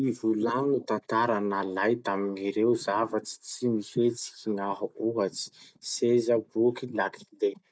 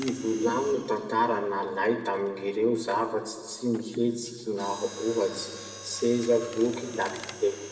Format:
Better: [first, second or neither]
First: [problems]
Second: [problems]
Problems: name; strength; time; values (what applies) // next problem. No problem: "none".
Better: first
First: none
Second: background sound (Mechanisms); 17 dB below the speech // room echo; dies away in 1.5 s